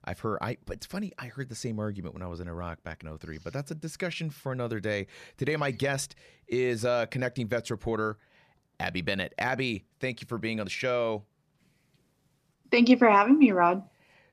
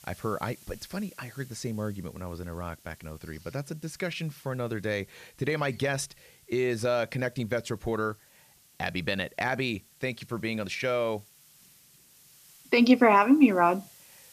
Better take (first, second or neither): first